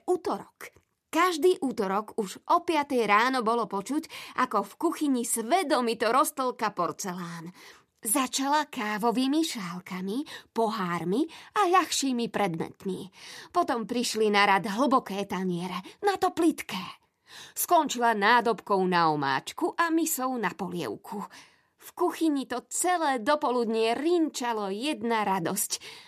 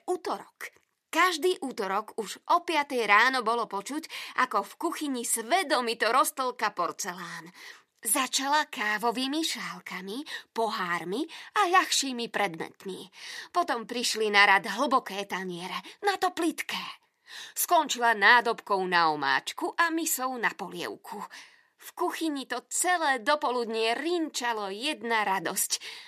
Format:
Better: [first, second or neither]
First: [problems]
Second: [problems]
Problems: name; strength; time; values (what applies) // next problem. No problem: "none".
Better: first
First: none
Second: thin; very slightly; fading below 500 Hz